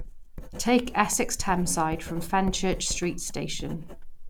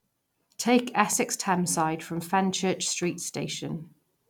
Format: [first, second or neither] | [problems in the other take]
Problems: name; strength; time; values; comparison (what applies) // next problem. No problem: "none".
second | background sound (Writing); 7 dB below the speech